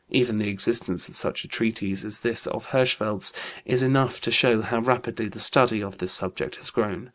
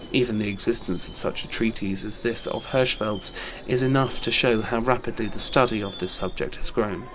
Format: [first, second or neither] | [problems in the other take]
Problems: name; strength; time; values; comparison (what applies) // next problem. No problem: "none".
first | background sound (Screech / Subway, metro, underground); 9 dB below the speech